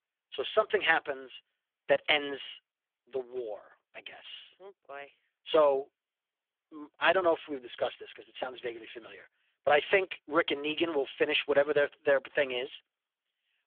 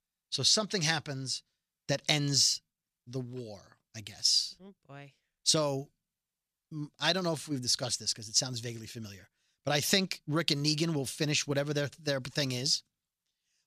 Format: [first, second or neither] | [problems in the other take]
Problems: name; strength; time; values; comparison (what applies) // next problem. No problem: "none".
second | phone-call audio; poor line; nothing above 3.5 kHz